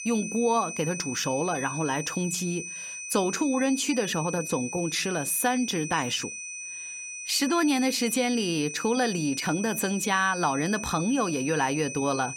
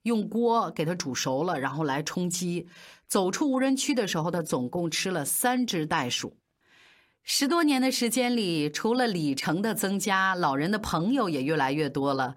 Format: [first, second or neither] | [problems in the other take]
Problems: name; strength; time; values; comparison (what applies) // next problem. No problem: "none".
second | high-pitched whine; loud; throughout; 2.5 kHz, 8 dB below the speech